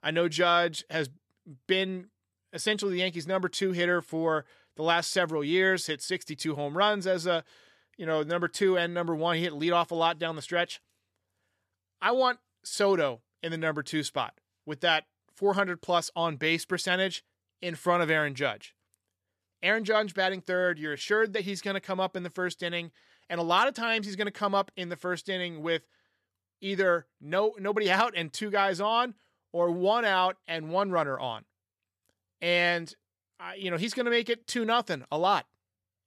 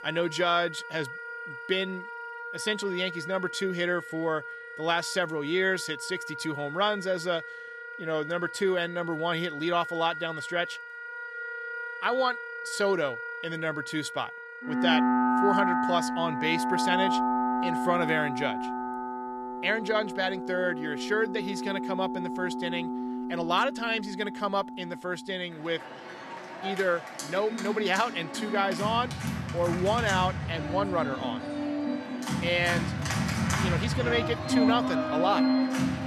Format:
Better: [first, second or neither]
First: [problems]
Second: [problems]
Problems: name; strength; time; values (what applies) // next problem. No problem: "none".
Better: first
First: none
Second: background music; loud; throughout; 3 dB below the speech